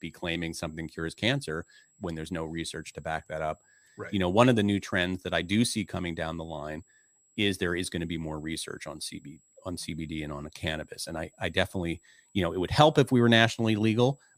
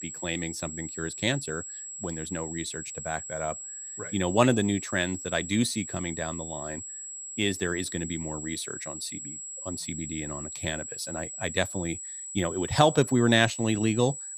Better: first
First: high-pitched whine; faint; throughout; 7.5 kHz, 35 dB below the speech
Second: high-pitched whine; loud; throughout; 7.5 kHz, 7 dB below the speech

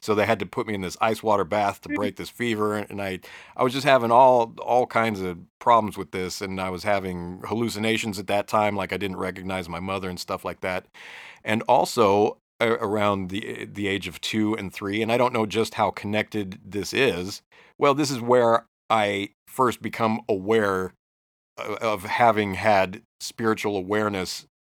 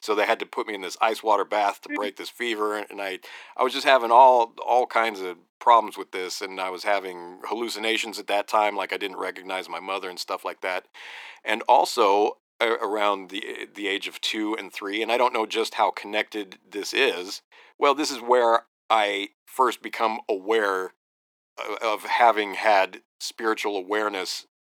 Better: first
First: none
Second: thin; somewhat; fading below 300 Hz

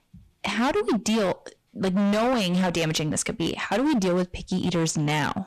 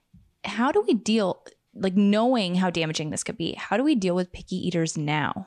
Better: second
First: distortion; heavy; 23% of the sound clipped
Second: none

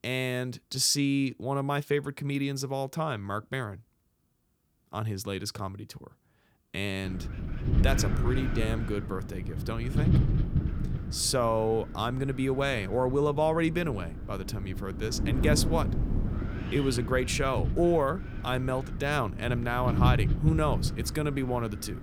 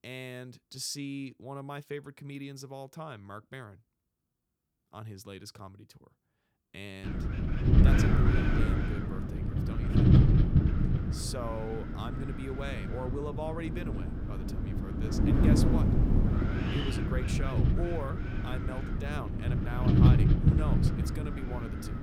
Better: first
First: wind noise on the microphone; occasional gusts; from 7 s on; 10 dB below the speech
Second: wind noise on the microphone; heavy; from 7 s on; 4 dB above the speech

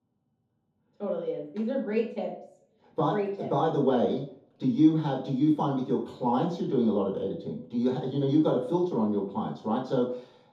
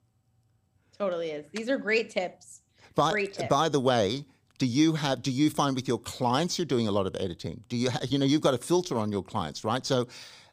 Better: second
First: room echo; noticeable; dies away in 0.5 s // off-mic speech; far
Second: none

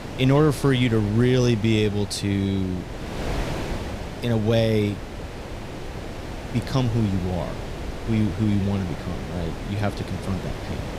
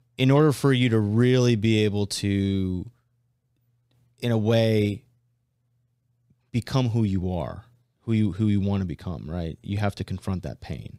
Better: second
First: wind noise on the microphone; heavy; 9 dB below the speech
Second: none

